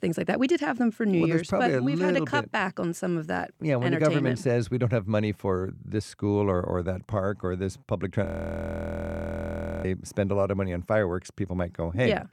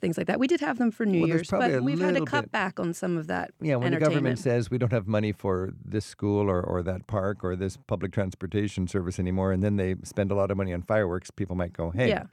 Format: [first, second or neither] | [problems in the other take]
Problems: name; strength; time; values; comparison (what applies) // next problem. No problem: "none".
second | audio freezing; at 8.5 s for 1.5 s